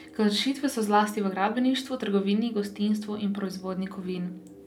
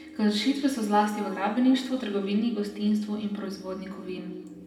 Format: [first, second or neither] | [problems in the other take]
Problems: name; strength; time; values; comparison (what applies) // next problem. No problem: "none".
first | room echo; dies away in 1.7 s